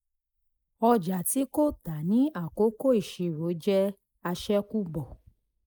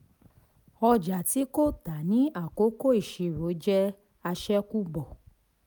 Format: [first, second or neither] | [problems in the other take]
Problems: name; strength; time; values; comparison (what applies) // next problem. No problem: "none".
second | noise reduction (neural mask model Resemble Enhance denoiser)